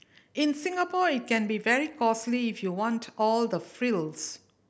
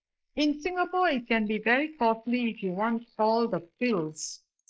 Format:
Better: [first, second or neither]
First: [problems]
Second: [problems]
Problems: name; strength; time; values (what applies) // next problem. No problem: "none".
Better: first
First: none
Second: noise reduction (neural mask model Resemble Enhance denoiser)